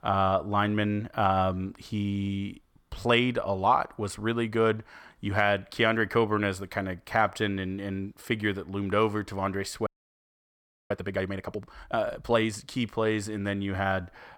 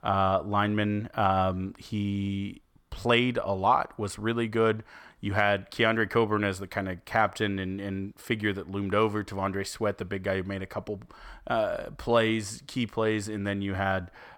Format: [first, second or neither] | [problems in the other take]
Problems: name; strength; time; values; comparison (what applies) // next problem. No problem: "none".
second | audio freezing; at 10 s for 1 s